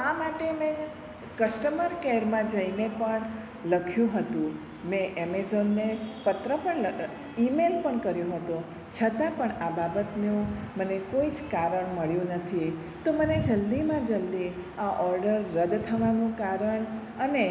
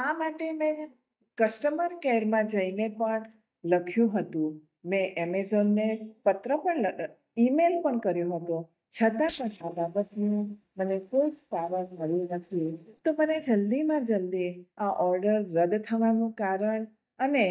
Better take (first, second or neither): first